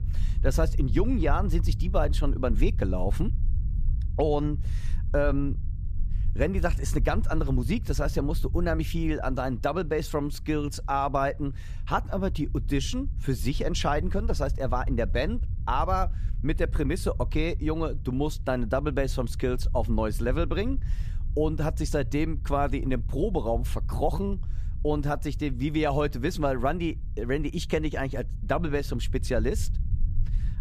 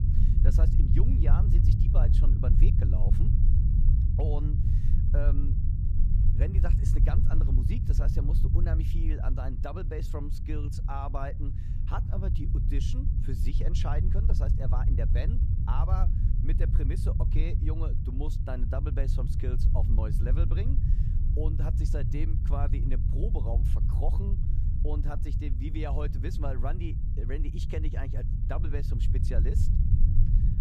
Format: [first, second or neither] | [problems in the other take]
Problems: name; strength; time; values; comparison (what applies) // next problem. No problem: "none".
first | low rumble; loud; throughout; 3 dB below the speech; faint in the first